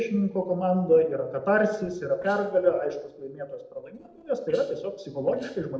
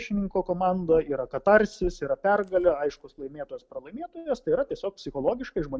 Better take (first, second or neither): second